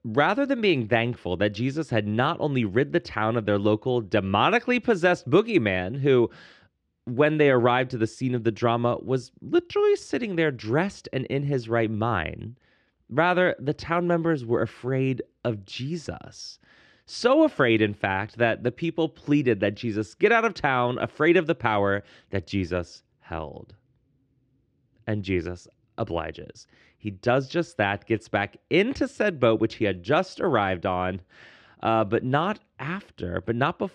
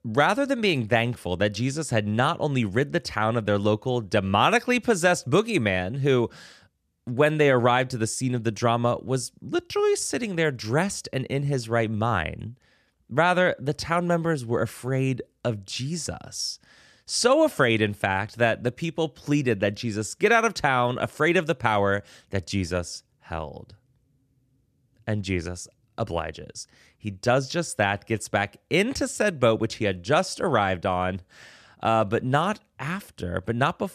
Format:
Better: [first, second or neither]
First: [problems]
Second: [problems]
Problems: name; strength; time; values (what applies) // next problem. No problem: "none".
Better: second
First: muffled; slightly; fading above 3 kHz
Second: none